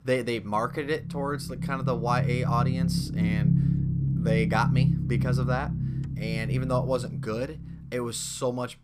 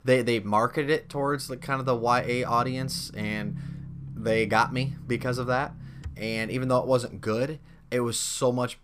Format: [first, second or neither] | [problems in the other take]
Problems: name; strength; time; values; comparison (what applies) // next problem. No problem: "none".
second | low rumble; loud; throughout; 7 dB below the speech; faint in the second